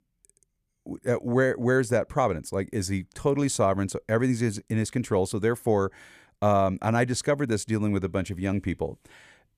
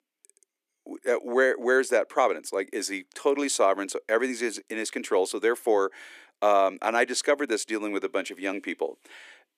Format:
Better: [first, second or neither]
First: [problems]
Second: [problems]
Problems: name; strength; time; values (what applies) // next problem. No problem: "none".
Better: first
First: none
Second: thin; somewhat; fading below 300 Hz